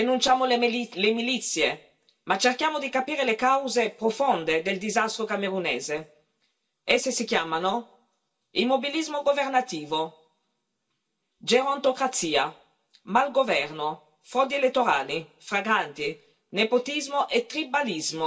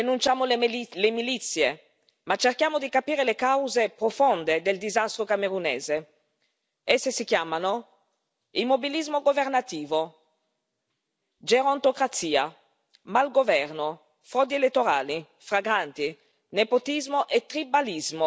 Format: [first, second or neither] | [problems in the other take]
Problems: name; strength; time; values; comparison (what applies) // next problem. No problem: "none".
second | room echo; dies away in 0.2 s